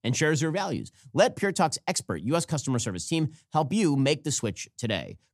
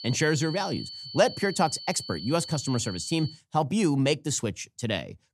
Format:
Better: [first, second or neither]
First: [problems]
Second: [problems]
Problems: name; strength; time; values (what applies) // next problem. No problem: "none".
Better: first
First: none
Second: high-pitched whine; noticeable; until 3.5 s; 4.5 kHz, 10 dB below the speech